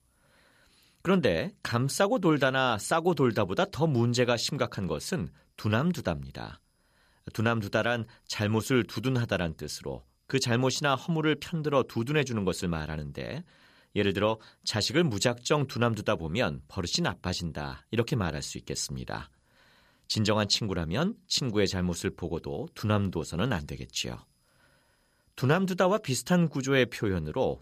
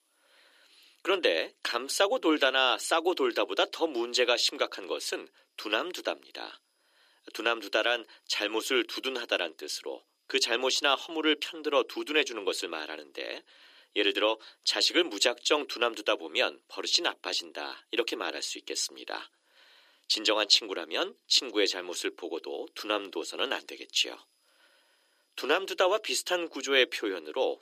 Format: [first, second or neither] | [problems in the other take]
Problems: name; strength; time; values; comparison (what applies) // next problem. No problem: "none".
first | thin; very; fading below 300 Hz